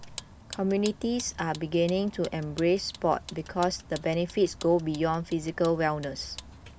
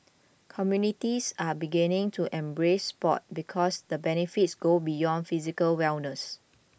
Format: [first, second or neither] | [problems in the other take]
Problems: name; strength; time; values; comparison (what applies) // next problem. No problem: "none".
second | background sound (Vehicle); 17 dB below the speech